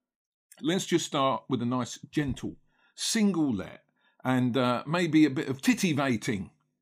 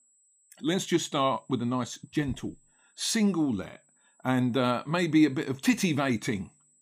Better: first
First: none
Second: high-pitched whine; faint; throughout; 7.5 kHz, 35 dB below the speech

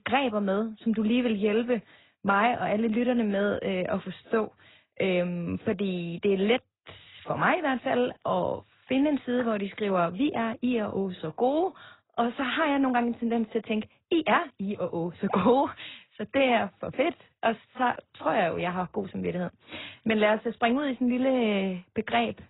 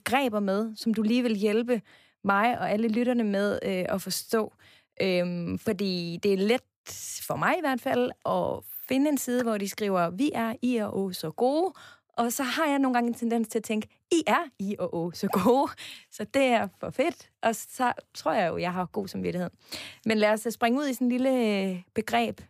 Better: second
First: garbled, watery; badly; nothing above 4 kHz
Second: none

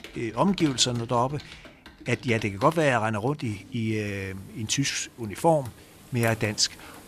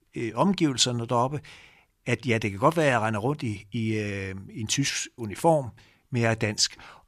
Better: second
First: household noises; noticeable; throughout; 20 dB below the speech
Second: none

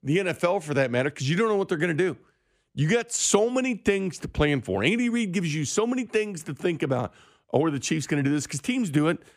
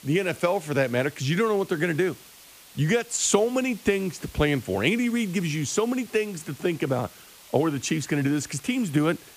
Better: first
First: none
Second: hiss; faint; throughout; 20 dB below the speech

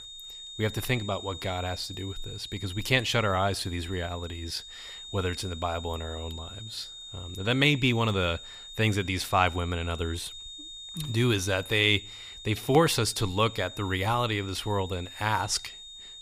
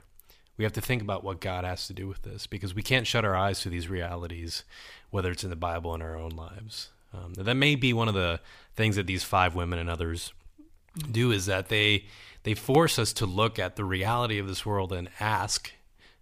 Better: second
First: high-pitched whine; noticeable; throughout; 3.5 kHz, 15 dB below the speech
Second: none

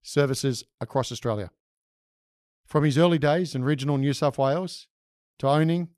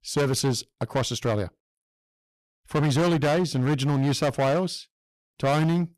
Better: first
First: none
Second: distortion; heavy; 14% of the sound clipped

